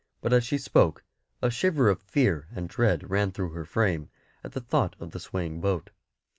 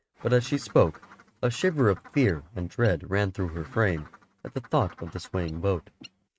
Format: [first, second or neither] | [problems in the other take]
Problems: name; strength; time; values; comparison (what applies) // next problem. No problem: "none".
first | noise reduction (neural mask model RNNoise)